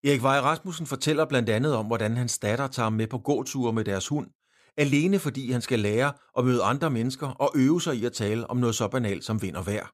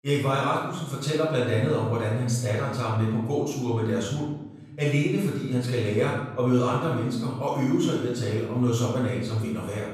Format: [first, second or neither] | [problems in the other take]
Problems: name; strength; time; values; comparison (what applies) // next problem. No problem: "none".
first | off-mic speech; far // room echo; noticeable; dies away in 0.9 s